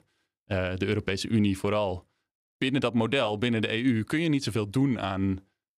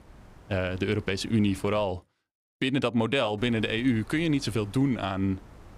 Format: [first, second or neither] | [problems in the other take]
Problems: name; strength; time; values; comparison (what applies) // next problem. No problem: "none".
first | wind noise on the microphone; occasional gusts; until 2 s and from 3.5 s on; 25 dB below the speech